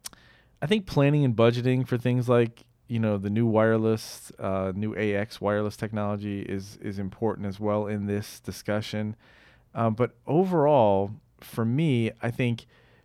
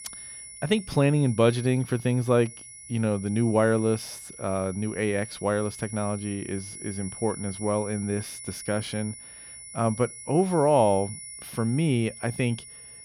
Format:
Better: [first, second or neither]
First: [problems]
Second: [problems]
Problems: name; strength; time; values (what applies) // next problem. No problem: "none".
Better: first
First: none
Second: high-pitched whine; noticeable; throughout; 10 kHz, 15 dB below the speech